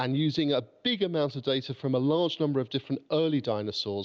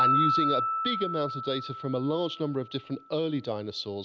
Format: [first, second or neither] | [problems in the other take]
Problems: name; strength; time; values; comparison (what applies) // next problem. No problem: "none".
first | background sound (Piano); as loud as the speech